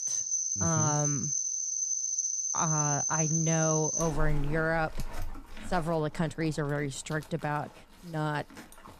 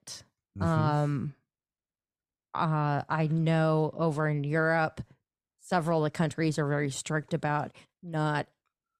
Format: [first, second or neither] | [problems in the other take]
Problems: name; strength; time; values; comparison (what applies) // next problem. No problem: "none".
second | animal sounds; very loud; throughout; 2 dB above the speech